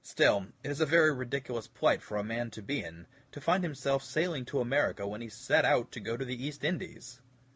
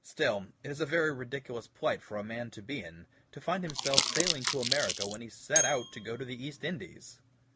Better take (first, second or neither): first